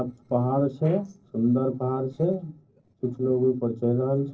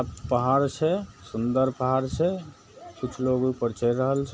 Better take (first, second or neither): second